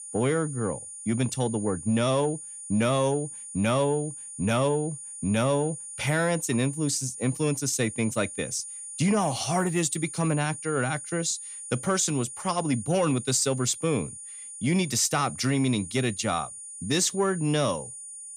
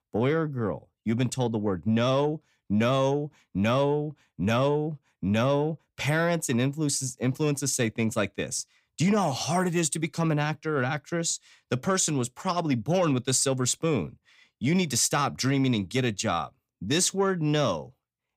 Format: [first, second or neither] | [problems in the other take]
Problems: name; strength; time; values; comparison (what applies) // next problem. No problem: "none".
second | high-pitched whine; noticeable; throughout; 9.5 kHz, 10 dB below the speech